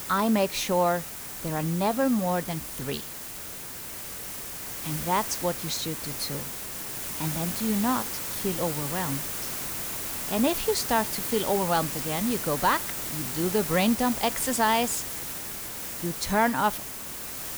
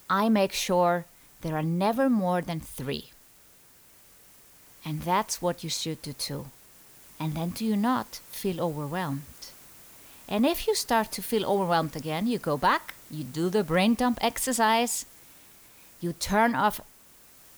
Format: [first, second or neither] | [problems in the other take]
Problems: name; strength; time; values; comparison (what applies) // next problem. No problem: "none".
second | hiss; loud; throughout; 4 dB below the speech; faint in the second